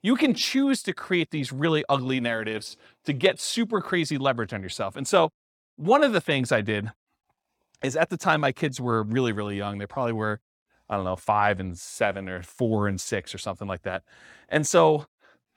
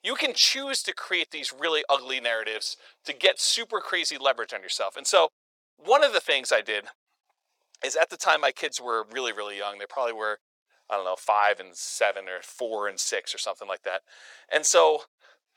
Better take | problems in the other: first | thin; very; fading below 500 Hz

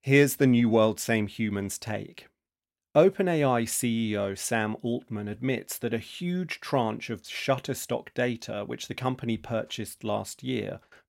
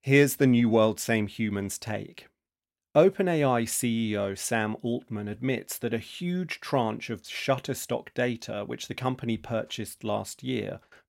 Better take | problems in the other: neither | none

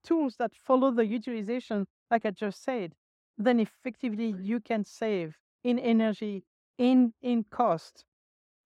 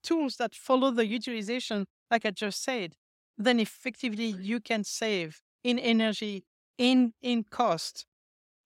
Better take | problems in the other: second | muffled; very; fading above 2 kHz

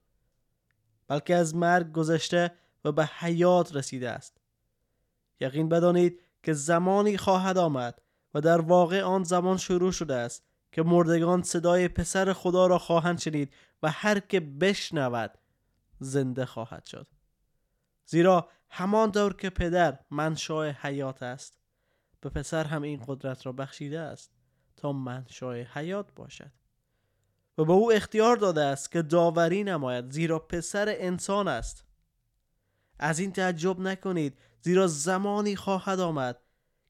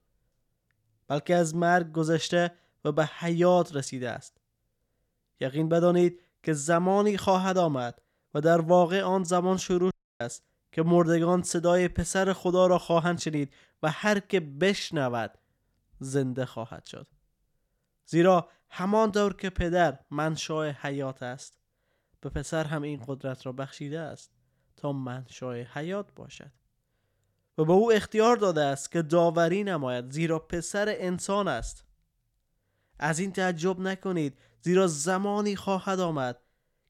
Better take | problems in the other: first | audio cutting out; at 10 s

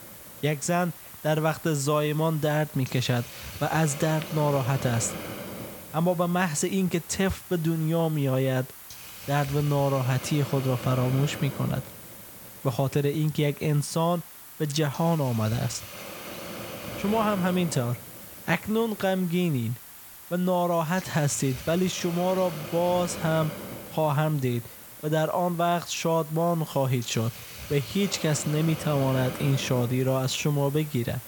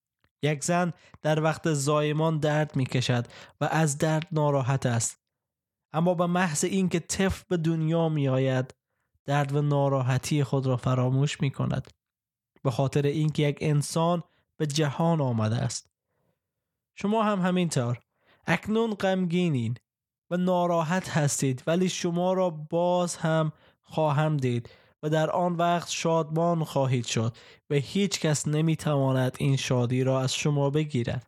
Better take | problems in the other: second | hiss; noticeable; throughout; 10 dB below the speech

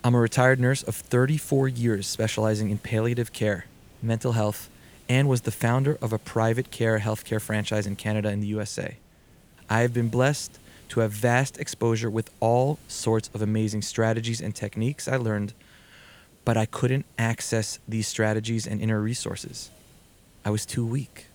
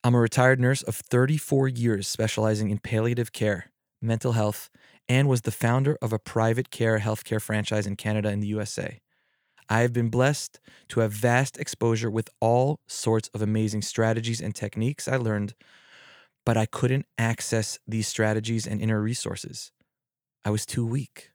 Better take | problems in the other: second | hiss; faint; throughout; 25 dB below the speech

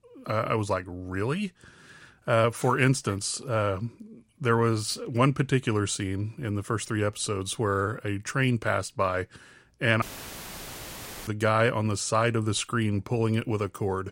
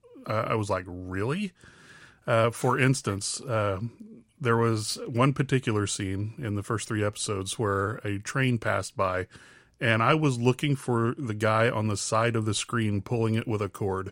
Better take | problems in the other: second | audio cutting out; filled with static; at 10 s for 1.5 s

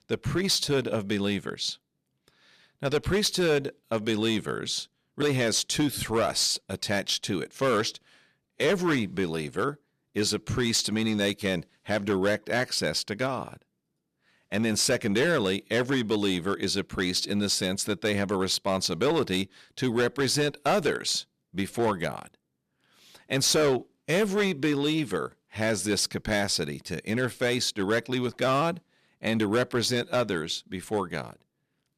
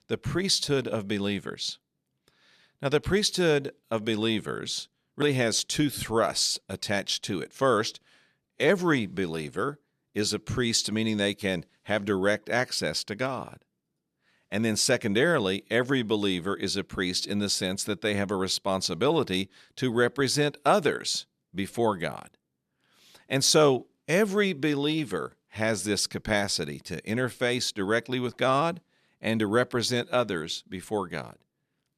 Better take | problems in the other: second | distortion; slight; 6% of the sound clipped

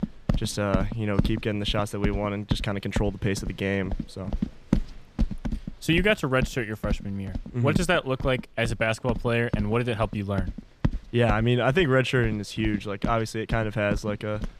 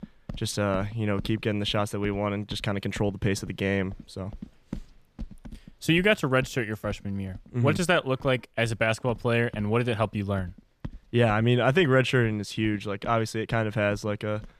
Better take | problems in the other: second | animal sounds; loud; throughout; 8 dB below the speech; faint in the second

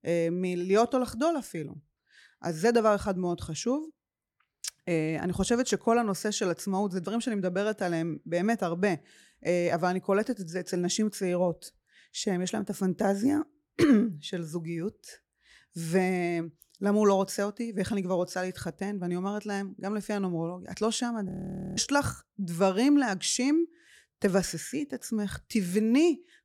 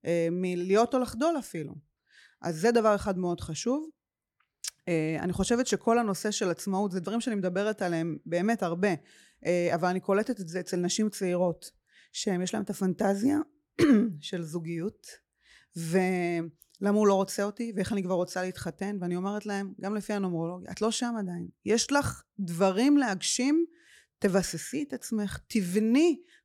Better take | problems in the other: second | audio freezing; at 21 s

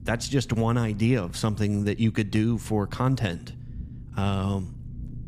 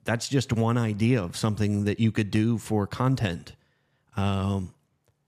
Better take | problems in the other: second | low rumble; faint; throughout; 25 dB below the speech

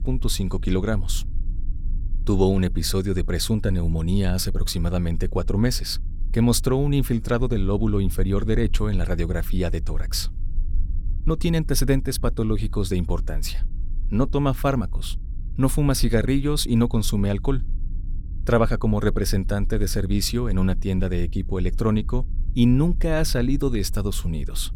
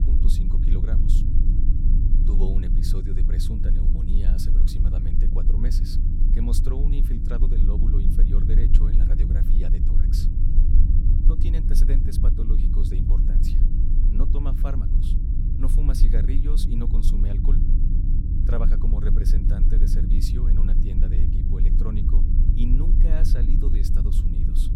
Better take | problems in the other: first | low rumble; loud; throughout; as loud as the speech; faint in the first

